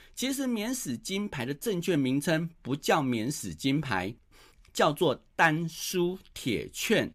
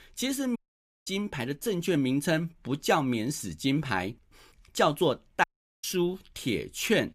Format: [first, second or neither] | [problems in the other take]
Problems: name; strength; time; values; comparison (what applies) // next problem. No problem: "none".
first | audio cutting out; at 0.5 s for 0.5 s and at 5.5 s